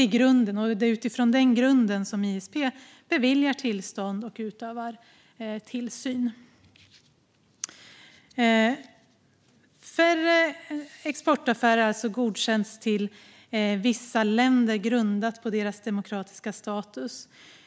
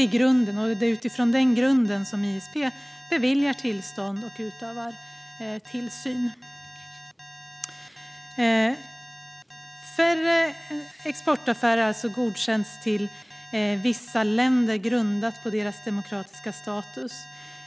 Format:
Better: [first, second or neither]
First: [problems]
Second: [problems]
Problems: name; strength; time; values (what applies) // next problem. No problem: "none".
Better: first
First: none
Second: background sound (Alarm); 19 dB below the speech